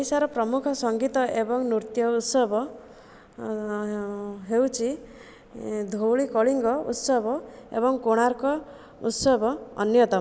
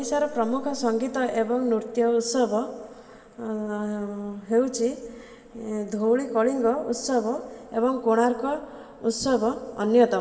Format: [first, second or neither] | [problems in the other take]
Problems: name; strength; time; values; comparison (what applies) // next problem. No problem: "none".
first | room echo; dies away in 1.8 s